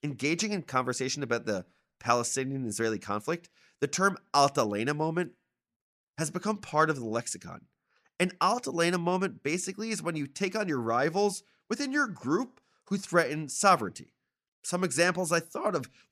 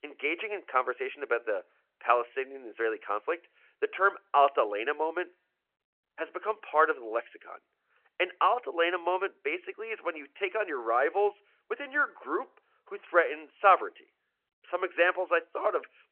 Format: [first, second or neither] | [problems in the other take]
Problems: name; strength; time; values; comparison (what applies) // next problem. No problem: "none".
first | phone-call audio